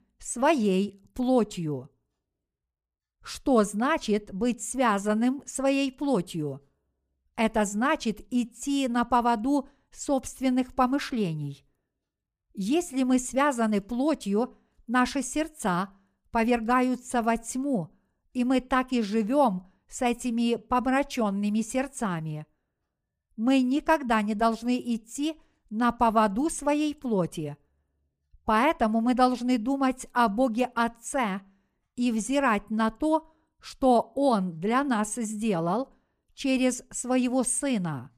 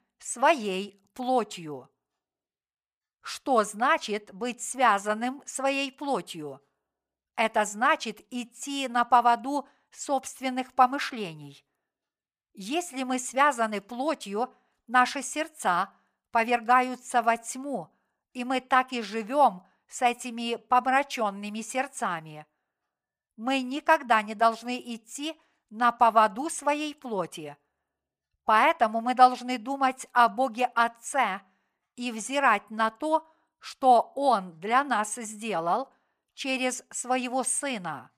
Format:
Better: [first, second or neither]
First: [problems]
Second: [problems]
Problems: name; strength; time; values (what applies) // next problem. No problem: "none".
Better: first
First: none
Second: thin; somewhat; fading below 550 Hz